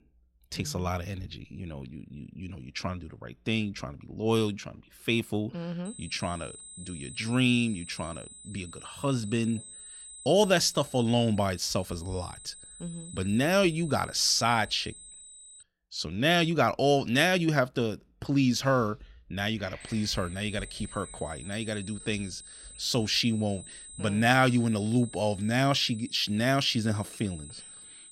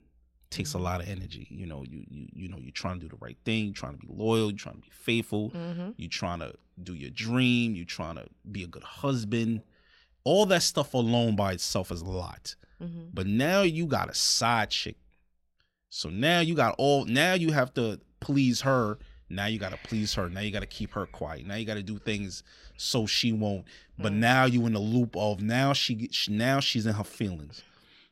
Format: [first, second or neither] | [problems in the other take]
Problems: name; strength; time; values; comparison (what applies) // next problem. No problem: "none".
second | high-pitched whine; noticeable; from 6 to 16 s and from 20 s on; 8 kHz, 15 dB below the speech